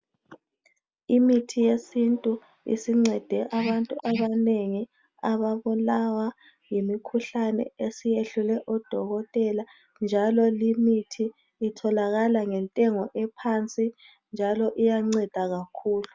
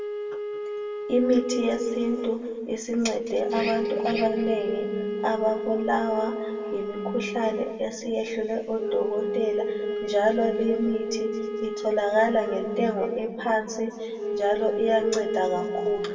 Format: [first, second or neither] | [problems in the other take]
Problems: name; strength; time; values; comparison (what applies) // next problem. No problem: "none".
first | background sound (Wind instrument, woodwind instrument); 5 dB below the speech // room echo; dies away in 1.8 s